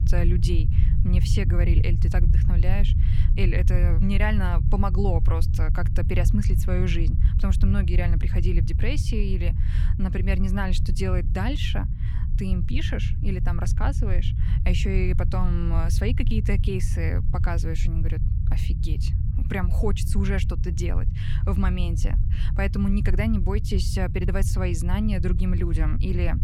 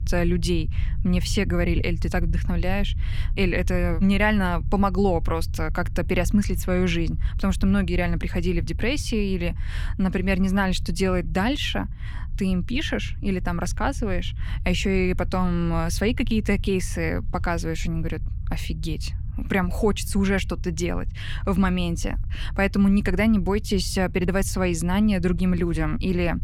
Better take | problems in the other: second | low rumble; loud; throughout; 8 dB below the speech; faint in the second

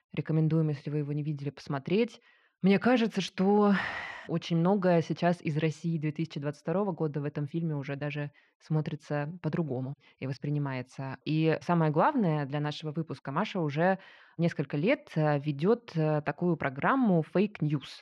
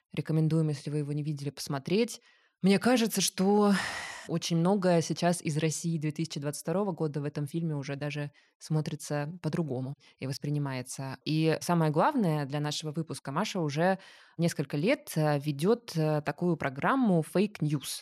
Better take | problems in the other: second | muffled; slightly; fading above 2.5 kHz

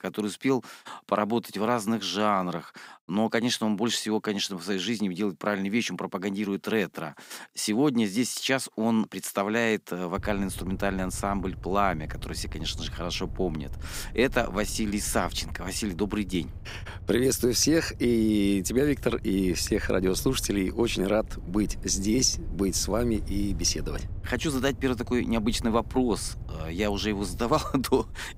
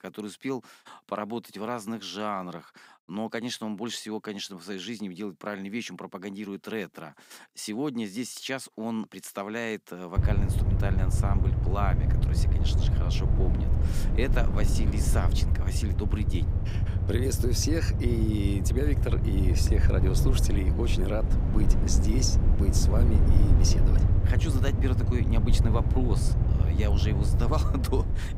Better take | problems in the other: first | low rumble; loud; from 10 s on; 4 dB below the speech; faint in the first

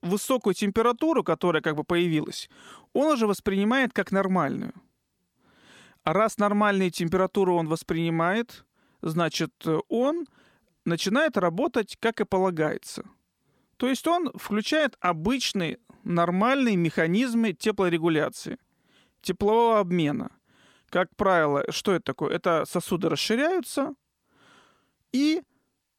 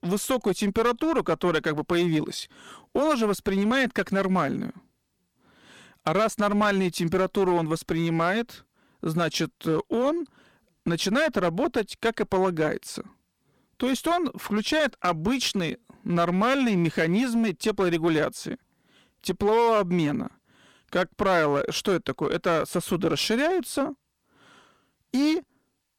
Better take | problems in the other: first | distortion; slight; 8% of the sound clipped

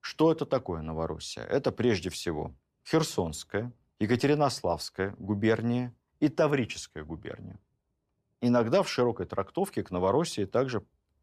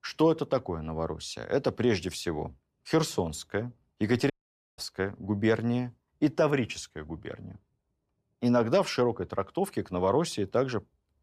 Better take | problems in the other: first | audio cutting out; at 4.5 s

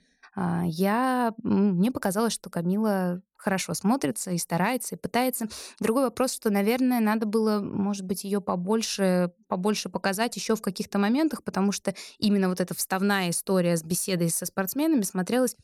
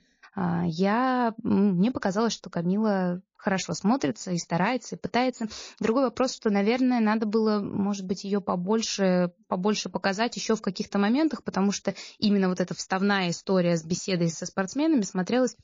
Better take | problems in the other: first | garbled, watery; slightly; nothing above 6 kHz

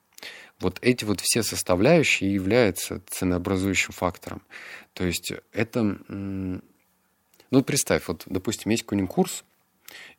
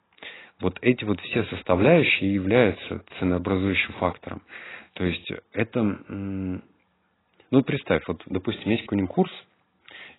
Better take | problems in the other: first | garbled, watery; badly; nothing above 4 kHz

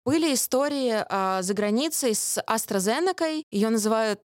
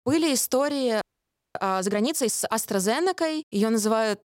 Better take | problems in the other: first | audio freezing; at 1 s for 0.5 s

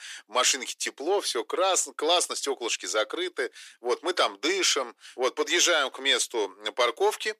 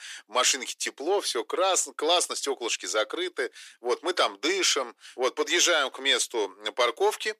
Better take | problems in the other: neither | thin; very; fading below 350 Hz; the same in both

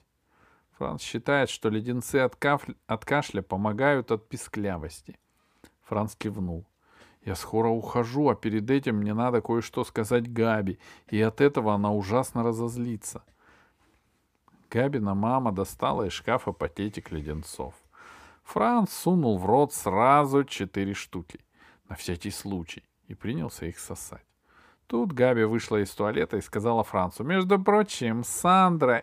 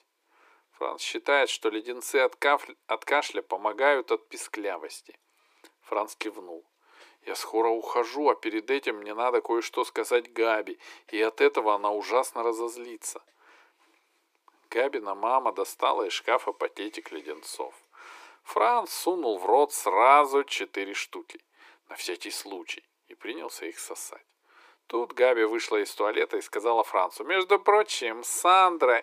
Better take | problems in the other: first | thin; very; fading below 350 Hz

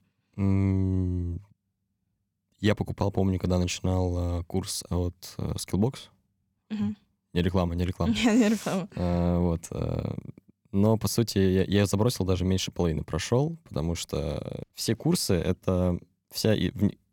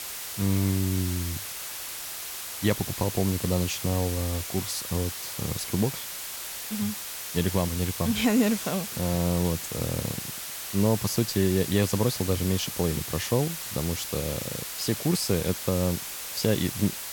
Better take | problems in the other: first | hiss; loud; throughout; 5 dB below the speech

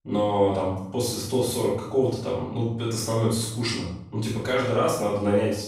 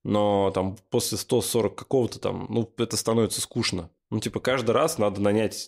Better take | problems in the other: second | off-mic speech; far // room echo; noticeable; dies away in 0.6 s

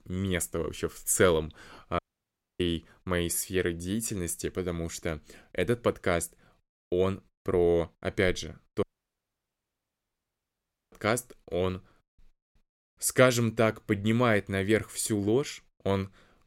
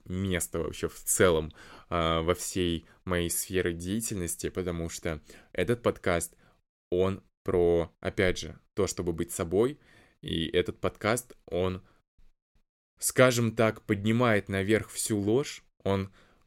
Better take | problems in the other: second | audio cutting out; at 2 s for 0.5 s and at 9 s for 2 s

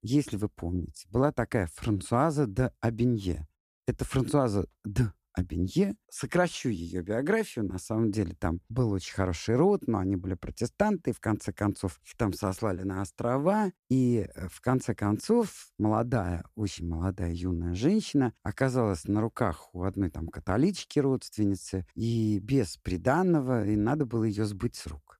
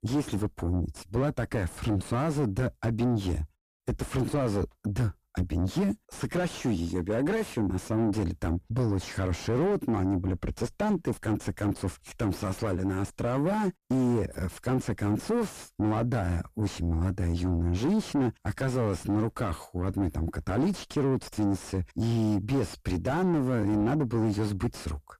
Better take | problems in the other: first | distortion; heavy; 6 dB below the speech

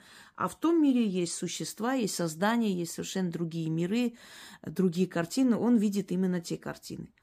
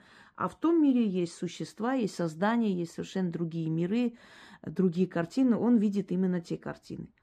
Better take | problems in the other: first | muffled; slightly; fading above 2 kHz

